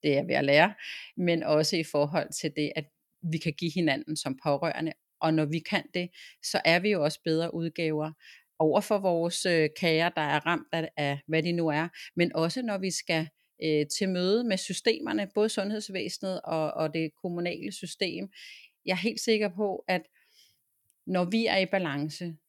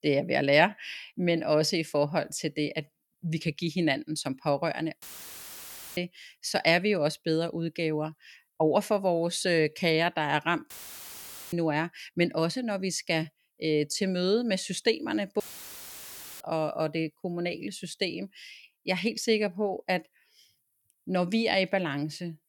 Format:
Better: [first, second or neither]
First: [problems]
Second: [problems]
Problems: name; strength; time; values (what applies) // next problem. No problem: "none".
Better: first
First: none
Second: audio cutting out; filled with static; at 5 s for 1 s, at 11 s for 1 s and at 15 s for 1 s